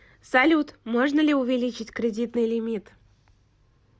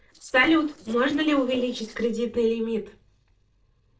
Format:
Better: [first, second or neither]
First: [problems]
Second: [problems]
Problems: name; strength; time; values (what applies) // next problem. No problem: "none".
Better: first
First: none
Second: noise reduction (neural separator model SepFormer DNS4)